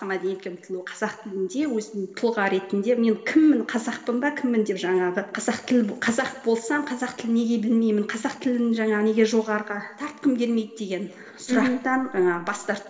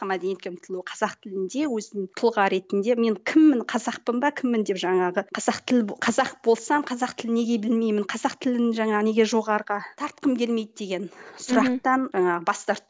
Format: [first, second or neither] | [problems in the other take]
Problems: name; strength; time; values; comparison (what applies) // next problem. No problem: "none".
second | room echo; dies away in 2.8 s